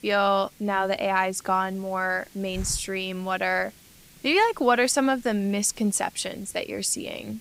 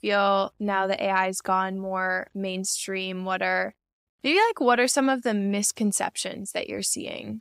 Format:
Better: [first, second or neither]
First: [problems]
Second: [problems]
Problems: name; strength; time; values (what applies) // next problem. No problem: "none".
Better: second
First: hiss; faint; throughout; 20 dB below the speech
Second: none